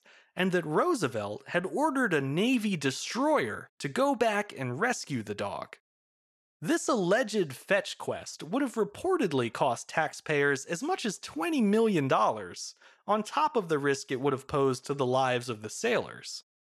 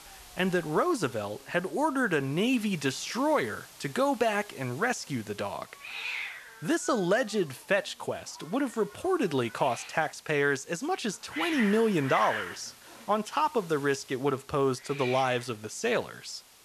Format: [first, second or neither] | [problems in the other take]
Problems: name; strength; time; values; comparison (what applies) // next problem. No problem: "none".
first | hiss; noticeable; throughout; 10 dB below the speech